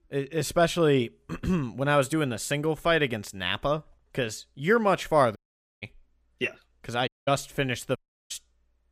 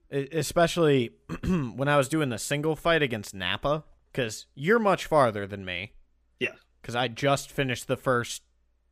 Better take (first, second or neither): second